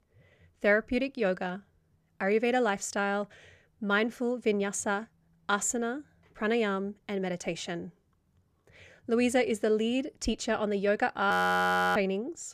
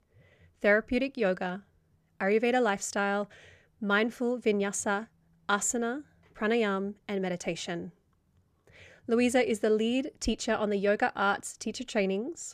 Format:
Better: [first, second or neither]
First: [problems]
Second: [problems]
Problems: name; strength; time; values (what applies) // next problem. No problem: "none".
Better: second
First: audio freezing; at 11 s for 0.5 s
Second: none